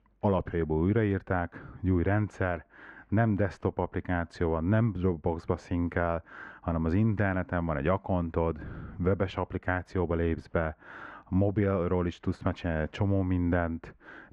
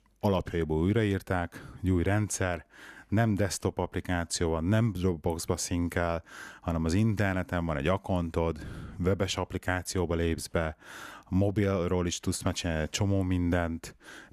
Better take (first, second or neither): second